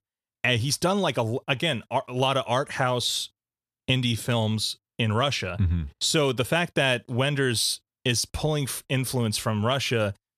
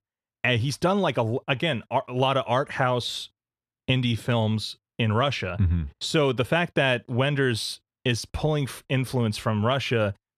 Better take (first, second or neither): first